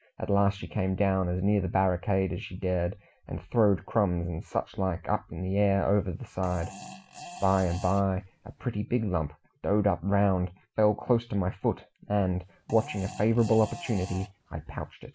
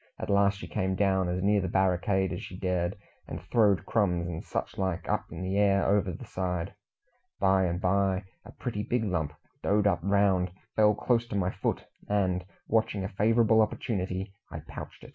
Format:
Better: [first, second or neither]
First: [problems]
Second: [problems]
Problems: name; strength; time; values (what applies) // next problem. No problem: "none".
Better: second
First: background sound (Fart); 17 dB below the speech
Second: none